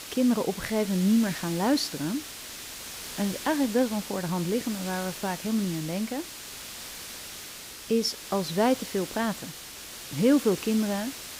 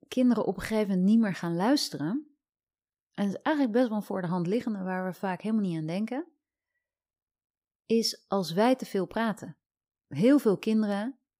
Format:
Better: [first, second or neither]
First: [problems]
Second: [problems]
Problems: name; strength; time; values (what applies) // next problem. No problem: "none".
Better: second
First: hiss; loud; throughout; 10 dB below the speech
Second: none